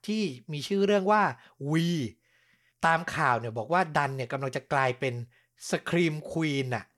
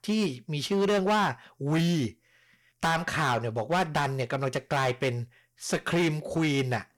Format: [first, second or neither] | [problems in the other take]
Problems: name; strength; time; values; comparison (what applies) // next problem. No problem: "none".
first | distortion; heavy; 10% of the sound clipped